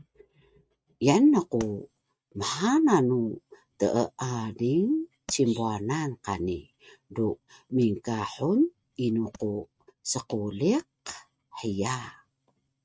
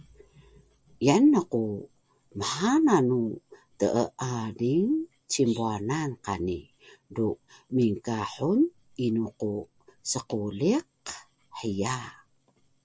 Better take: second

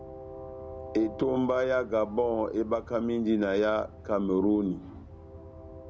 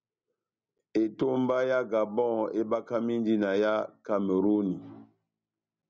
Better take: second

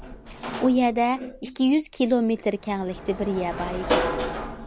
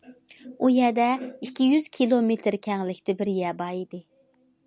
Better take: second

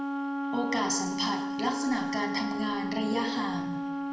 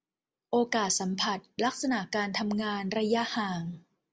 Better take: second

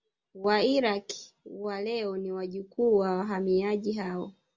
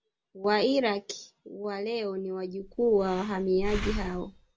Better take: first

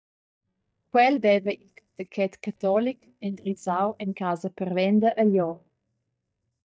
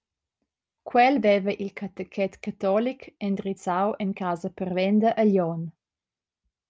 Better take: second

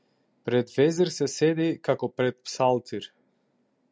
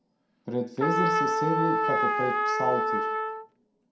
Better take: first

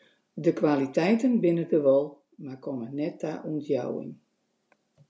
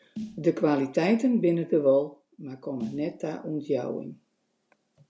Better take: first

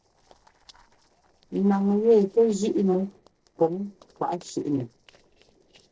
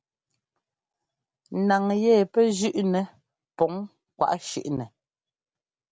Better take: second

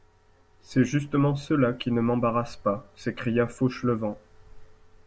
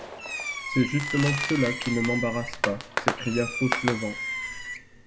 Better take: first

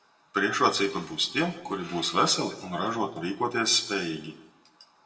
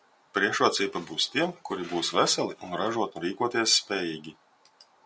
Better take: second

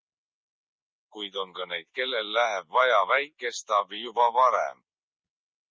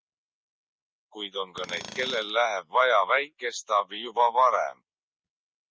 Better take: first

